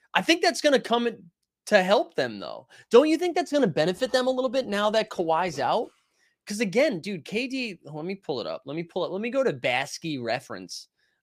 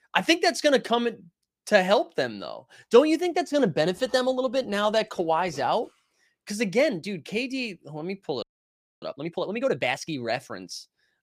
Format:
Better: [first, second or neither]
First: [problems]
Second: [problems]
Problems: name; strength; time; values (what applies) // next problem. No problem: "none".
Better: first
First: none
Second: audio freezing; at 8.5 s for 0.5 s